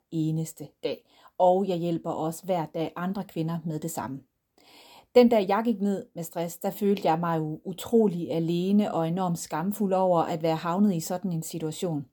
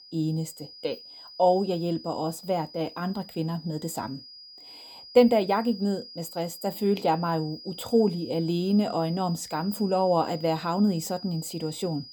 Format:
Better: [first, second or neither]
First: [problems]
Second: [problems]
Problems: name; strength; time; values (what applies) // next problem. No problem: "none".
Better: first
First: none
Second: high-pitched whine; noticeable; throughout; 5 kHz, 15 dB below the speech